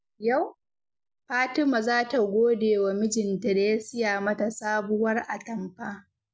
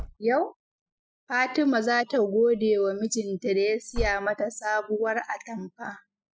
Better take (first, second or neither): first